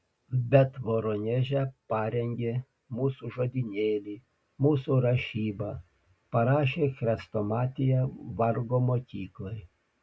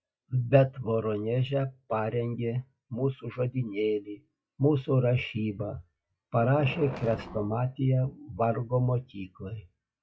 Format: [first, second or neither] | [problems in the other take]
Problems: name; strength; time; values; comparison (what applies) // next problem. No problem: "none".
first | noise reduction (classical method log-MMSE)